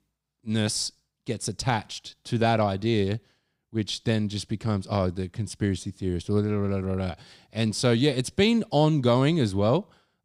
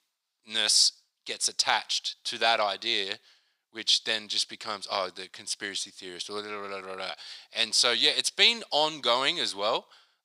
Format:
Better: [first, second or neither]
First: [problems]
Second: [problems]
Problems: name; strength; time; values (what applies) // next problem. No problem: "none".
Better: first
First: none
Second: thin; very; fading below 900 Hz